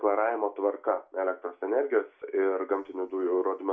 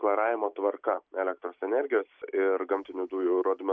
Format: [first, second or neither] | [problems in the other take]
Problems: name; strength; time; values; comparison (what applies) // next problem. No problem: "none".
second | room echo; dies away in 0.2 s